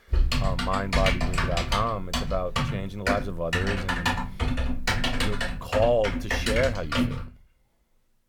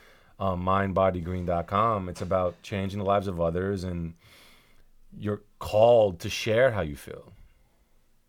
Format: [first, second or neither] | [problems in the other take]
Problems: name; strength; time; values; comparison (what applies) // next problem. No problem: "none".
second | keyboard typing; loud; until 7 s; peak 4 dB above the speech